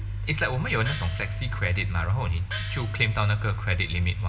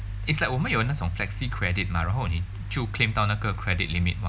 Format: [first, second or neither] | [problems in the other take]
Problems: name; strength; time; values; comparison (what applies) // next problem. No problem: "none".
second | background sound (Gong); 14 dB below the speech // room echo; dies away in 1.5 s